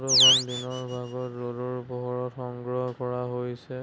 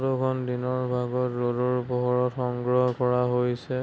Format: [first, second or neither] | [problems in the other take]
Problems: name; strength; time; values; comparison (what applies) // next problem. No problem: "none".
second | background sound (Animal); 4 dB above the speech